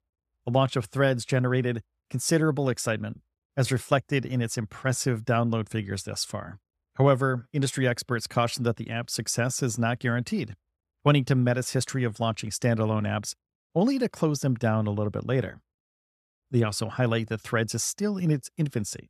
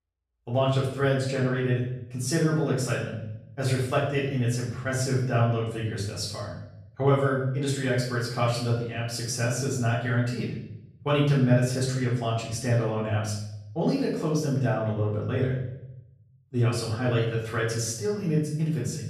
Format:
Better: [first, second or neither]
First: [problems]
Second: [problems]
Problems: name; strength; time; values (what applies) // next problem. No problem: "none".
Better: first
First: none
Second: off-mic speech; far // room echo; noticeable; dies away in 0.7 s